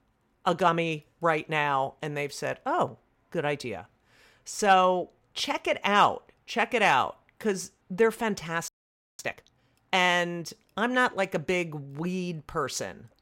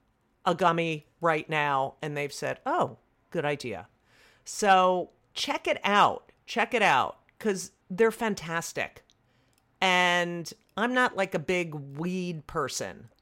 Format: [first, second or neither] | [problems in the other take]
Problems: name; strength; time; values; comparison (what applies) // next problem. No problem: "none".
second | audio freezing; at 8.5 s for 0.5 s